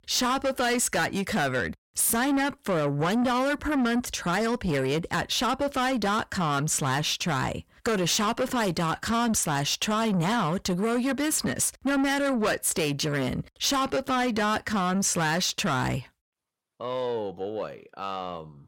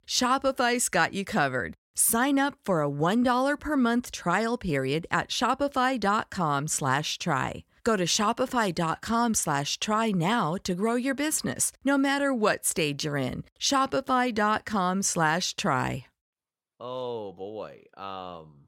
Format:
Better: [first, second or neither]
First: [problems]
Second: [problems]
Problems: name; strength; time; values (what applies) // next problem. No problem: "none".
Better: second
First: distortion; heavy; 7 dB below the speech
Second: none